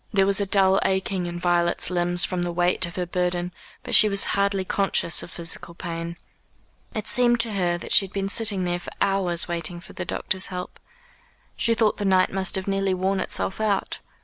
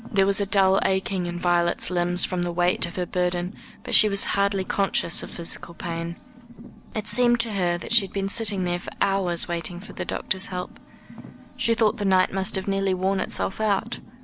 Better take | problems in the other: first | background sound (Car); 17 dB below the speech

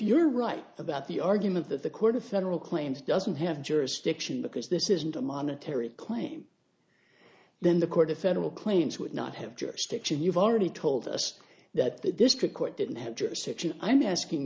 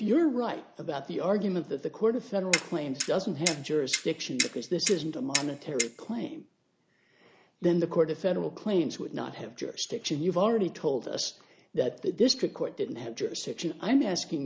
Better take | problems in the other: first | background sound (Clock); 4 dB below the speech

